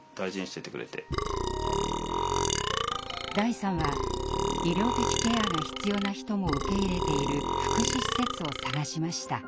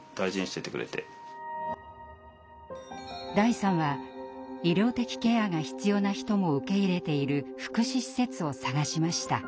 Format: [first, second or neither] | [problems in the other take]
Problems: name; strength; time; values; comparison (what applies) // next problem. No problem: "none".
second | background sound (Burping, eructation); 2 dB above the speech